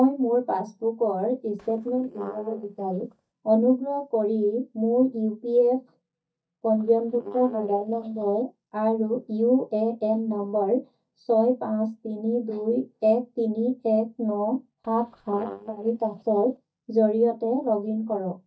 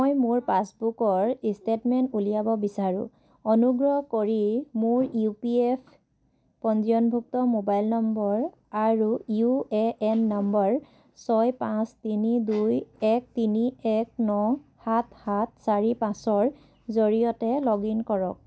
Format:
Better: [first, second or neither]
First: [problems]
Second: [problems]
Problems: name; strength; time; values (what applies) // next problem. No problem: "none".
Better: second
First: noise reduction (neural mask model DeepFilterNet 3)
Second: none